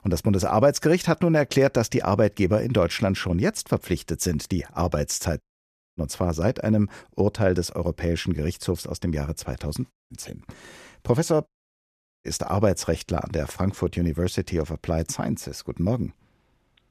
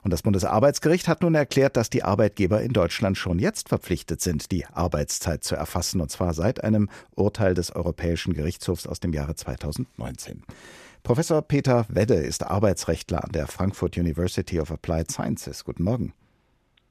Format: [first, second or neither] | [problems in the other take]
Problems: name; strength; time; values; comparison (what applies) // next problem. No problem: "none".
second | audio cutting out; at 5.5 s for 0.5 s, at 10 s and at 11 s for 1 s